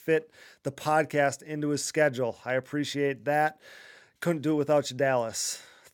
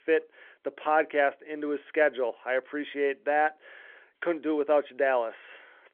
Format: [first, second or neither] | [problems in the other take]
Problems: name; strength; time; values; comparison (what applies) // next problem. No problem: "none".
first | phone-call audio